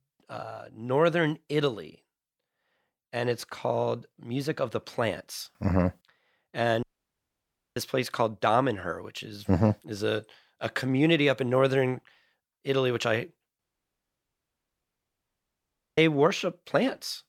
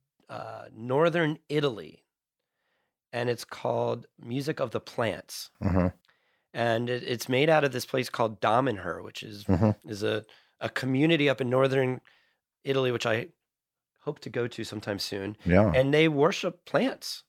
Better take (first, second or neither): second